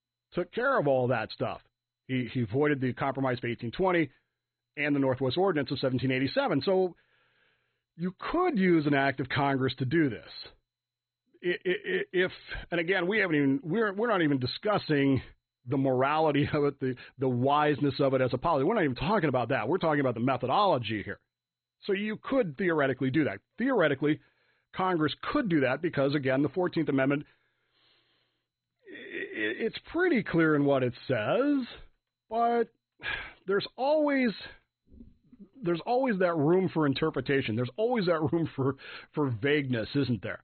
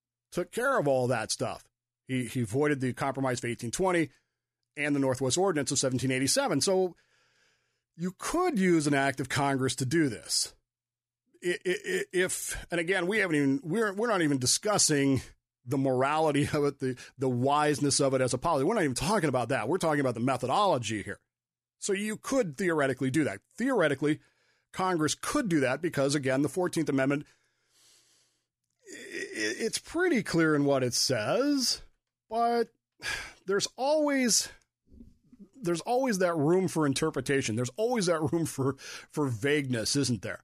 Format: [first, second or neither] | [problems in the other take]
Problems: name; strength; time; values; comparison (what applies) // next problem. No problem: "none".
second | garbled, watery; badly; nothing above 4 kHz